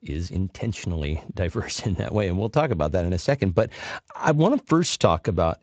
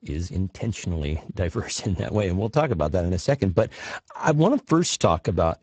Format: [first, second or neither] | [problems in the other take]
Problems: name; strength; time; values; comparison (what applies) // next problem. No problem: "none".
first | garbled, watery; badly; nothing above 7.5 kHz; slightly in the first